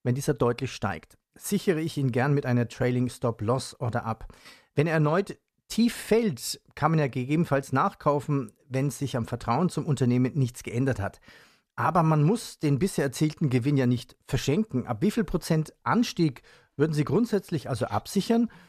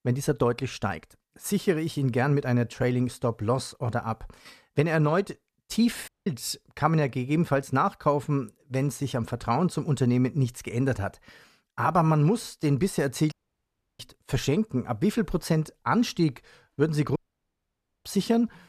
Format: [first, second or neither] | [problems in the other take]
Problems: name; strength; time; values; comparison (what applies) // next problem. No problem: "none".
first | audio cutting out; at 6 s, at 13 s for 0.5 s and at 17 s for 1 s